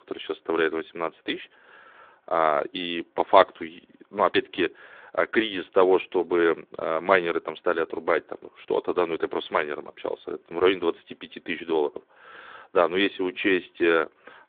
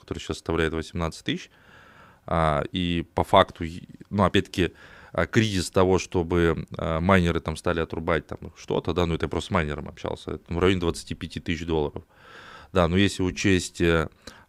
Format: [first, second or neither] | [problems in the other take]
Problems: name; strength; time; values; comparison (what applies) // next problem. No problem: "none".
second | phone-call audio; nothing above 3.5 kHz